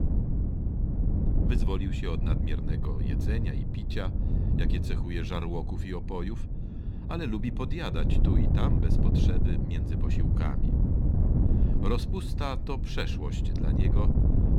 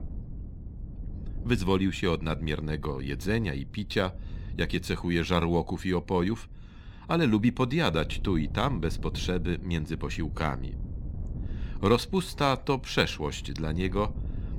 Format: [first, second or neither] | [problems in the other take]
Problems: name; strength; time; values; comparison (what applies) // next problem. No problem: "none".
second | wind noise on the microphone; heavy; 2 dB below the speech; occasional gusts in the second